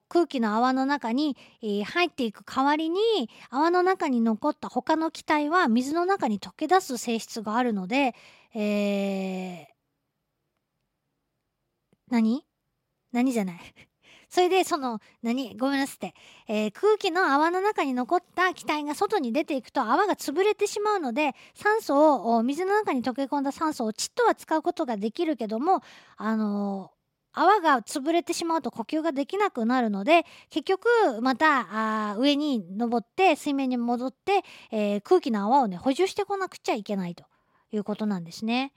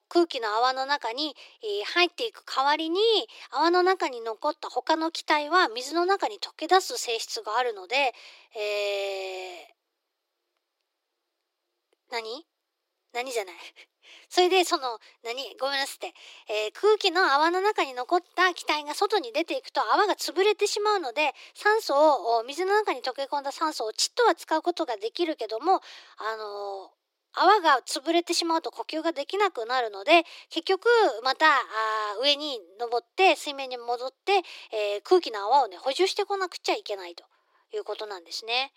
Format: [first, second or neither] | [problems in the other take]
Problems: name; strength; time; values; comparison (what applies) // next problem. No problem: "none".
first | thin; very; fading below 350 Hz